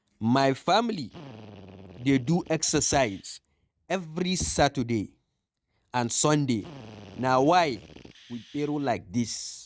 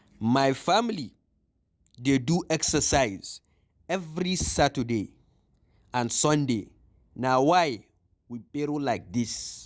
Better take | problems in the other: second | noise reduction (neural mask model RNNoise)

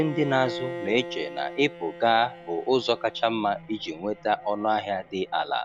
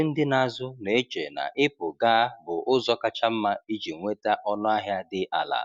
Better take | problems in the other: second | background sound (Bowed string instrument); 13 dB below the speech

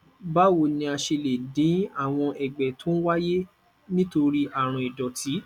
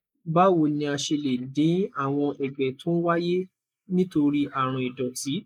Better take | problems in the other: first | noise reduction (neural mask model Resemble Enhance denoiser)

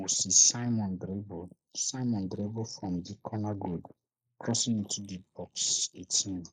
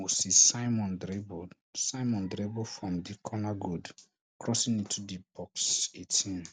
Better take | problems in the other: second | noise reduction (neural mask model Resemble Enhance denoiser)

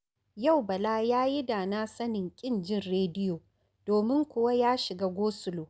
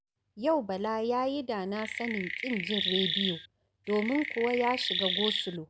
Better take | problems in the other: first | background sound (Chirp, tweet); 2 dB below the speech

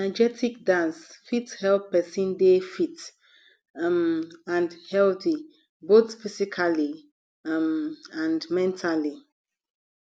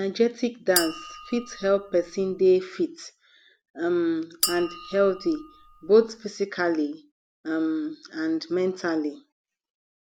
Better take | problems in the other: first | background sound (Chink, clink); 9 dB below the speech

